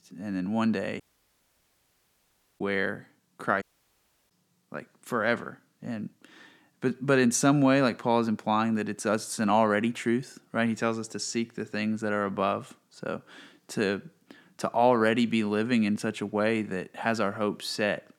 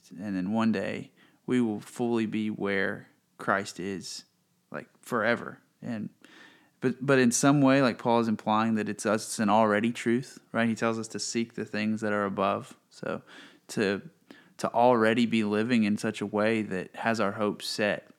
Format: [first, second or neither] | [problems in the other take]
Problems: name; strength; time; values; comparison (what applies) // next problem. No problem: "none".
second | audio cutting out; at 1 s for 1.5 s and at 3.5 s for 0.5 s